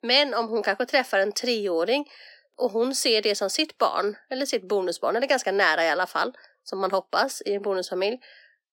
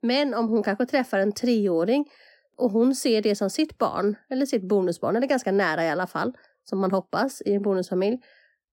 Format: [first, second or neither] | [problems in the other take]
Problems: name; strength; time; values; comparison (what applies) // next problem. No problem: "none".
second | thin; somewhat; fading below 500 Hz